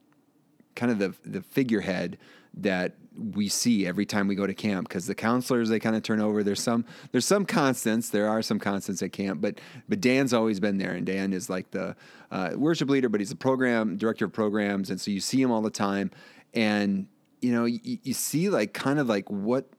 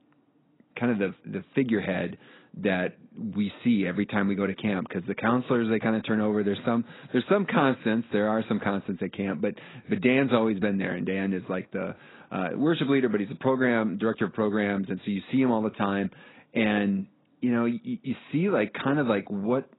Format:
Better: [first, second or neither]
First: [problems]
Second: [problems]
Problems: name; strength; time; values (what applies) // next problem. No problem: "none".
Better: first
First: none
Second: garbled, watery; badly; nothing above 4 kHz